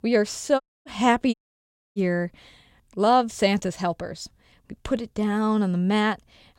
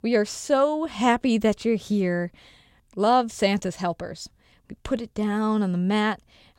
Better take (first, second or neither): second